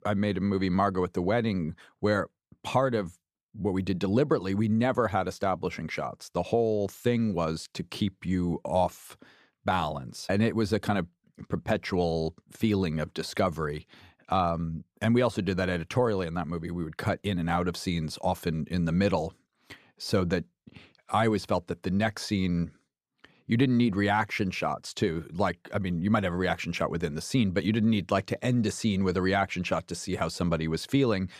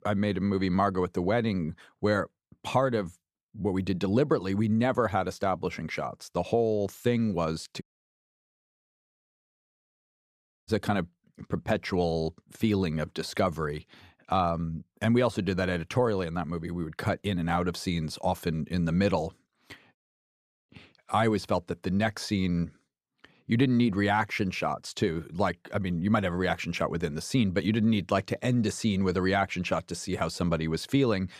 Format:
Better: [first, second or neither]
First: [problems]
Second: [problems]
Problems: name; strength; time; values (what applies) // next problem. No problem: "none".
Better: first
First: none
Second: audio cutting out; at 8 s for 3 s and at 20 s for 0.5 s